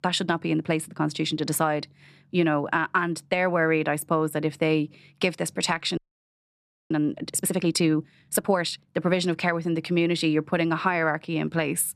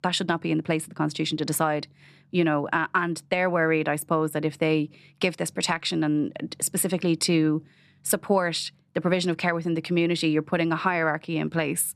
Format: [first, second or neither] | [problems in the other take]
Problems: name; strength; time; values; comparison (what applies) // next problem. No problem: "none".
second | audio freezing; at 6 s for 1 s